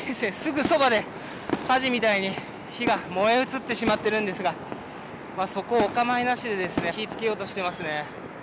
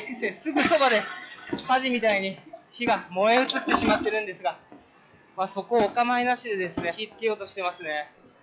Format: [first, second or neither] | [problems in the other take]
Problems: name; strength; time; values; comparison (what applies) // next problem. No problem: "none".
first | noise reduction (classical method log-MMSE)